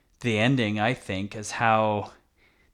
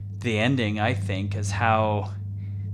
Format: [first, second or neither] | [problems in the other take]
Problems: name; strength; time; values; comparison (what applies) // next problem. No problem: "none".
first | low rumble; noticeable; throughout; 20 dB below the speech